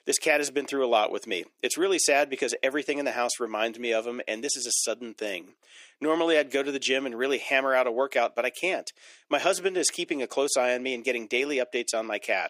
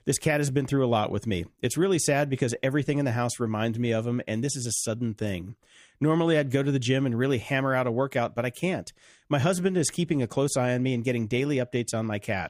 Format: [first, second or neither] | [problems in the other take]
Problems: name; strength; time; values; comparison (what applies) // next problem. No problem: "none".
second | thin; somewhat; fading below 350 Hz